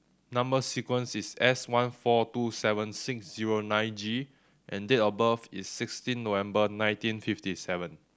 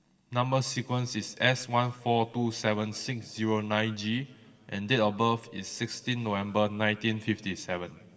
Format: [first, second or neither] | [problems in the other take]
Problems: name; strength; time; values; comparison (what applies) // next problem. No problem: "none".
first | room echo; dies away in 2.4 s